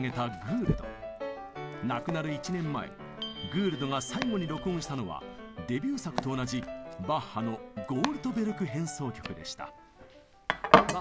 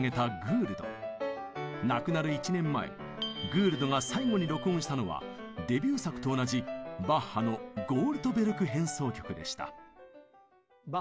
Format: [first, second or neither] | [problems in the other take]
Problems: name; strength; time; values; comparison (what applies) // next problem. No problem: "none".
second | background sound (Domestic sounds, home sounds); 1 dB below the speech